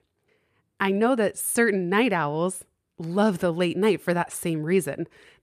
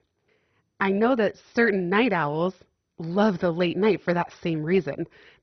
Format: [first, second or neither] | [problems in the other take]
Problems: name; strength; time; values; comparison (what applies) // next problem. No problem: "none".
first | garbled, watery; badly; nothing above 6 kHz